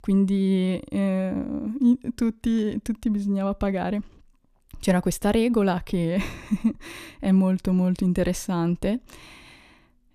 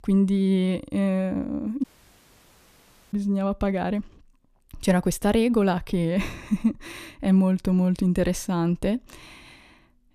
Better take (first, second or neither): first